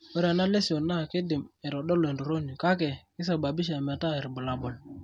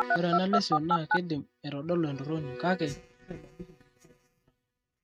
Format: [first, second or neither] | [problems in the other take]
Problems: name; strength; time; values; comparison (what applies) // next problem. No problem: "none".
first | noise reduction (neural mask model RNNoise)